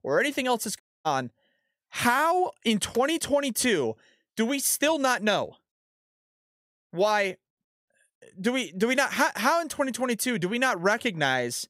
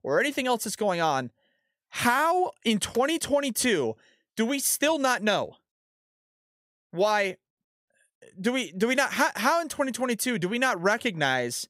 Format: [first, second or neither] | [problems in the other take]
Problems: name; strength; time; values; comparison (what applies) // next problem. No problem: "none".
second | audio cutting out; at 1 s